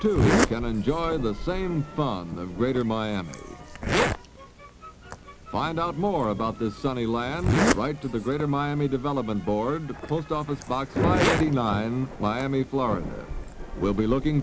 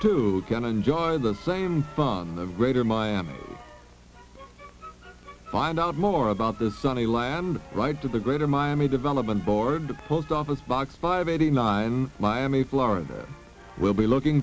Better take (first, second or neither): second